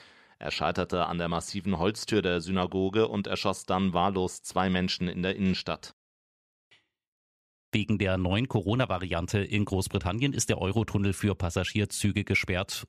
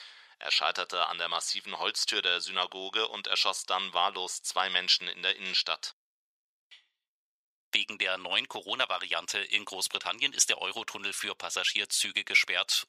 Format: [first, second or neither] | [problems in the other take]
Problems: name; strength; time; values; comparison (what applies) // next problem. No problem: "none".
first | thin; very; fading below 900 Hz